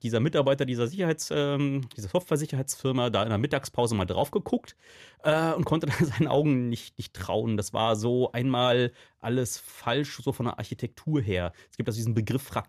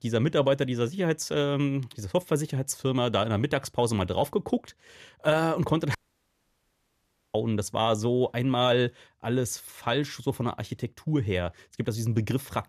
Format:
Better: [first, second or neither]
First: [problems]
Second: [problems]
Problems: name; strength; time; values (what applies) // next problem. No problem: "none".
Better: first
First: none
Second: audio cutting out; at 6 s for 1.5 s